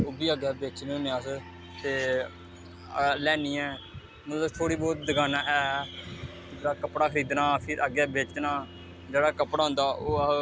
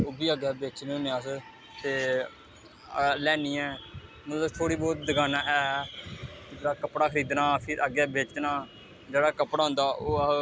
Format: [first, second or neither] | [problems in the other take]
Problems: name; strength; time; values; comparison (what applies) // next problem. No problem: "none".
second | background sound (Bowed string instrument); 19 dB below the speech